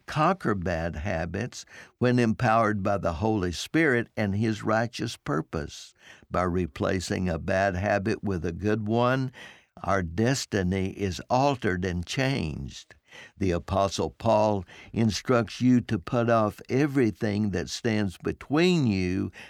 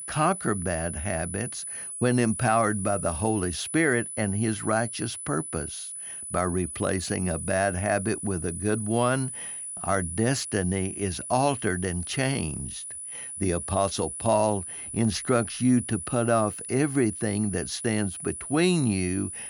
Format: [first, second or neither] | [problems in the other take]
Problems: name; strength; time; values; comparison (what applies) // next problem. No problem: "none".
first | high-pitched whine; loud; throughout; 10 kHz, 7 dB below the speech